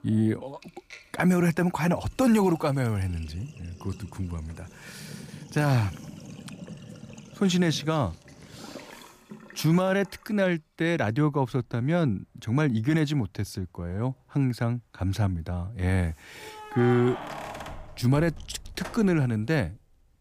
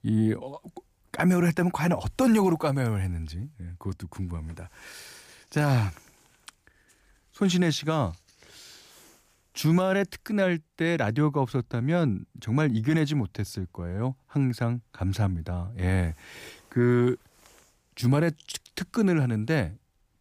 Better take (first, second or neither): second